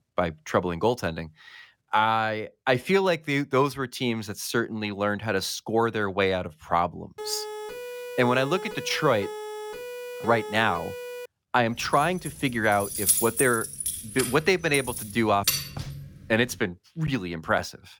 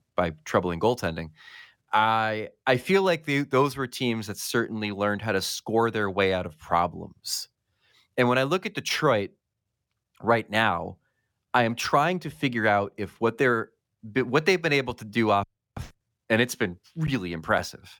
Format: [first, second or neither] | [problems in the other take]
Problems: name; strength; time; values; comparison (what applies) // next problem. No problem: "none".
second | siren; noticeable; from 7 to 11 s; peak 9 dB below the speech // jangling keys; loud; from 12 to 16 s; peak 5 dB above the speech